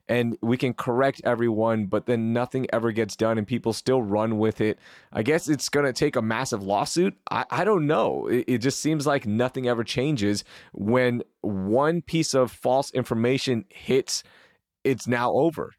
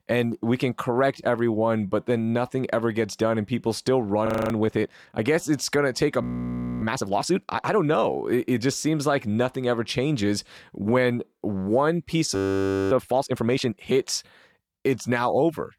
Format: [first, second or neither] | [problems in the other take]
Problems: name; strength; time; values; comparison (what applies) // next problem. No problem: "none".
first | audio freezing; at 4.5 s, at 6 s for 0.5 s and at 12 s for 0.5 s